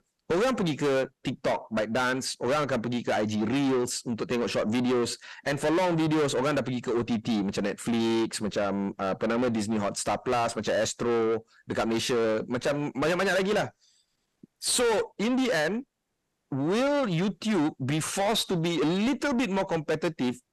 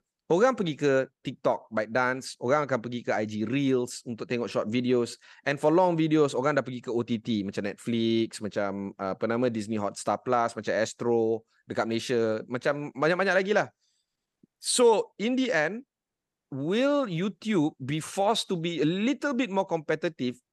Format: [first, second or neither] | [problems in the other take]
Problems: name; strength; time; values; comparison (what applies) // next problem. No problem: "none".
second | distortion; heavy; 6 dB below the speech